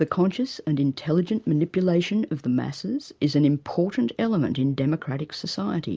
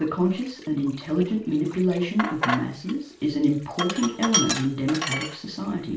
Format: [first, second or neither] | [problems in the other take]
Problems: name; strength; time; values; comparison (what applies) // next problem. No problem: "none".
first | background sound (Sink (filling or washing)); 7 dB below the speech // room echo; dies away in 0.3 s